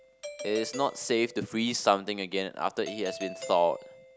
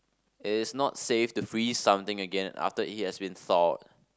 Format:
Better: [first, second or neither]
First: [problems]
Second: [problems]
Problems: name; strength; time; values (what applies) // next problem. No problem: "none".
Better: second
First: background sound (Doorbell); 14 dB below the speech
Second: none